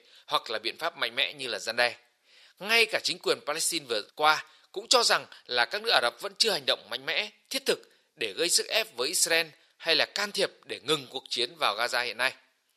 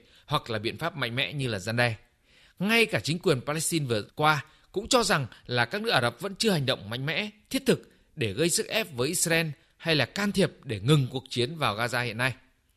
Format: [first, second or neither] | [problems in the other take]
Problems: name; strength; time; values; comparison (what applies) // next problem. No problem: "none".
second | thin; very; fading below 550 Hz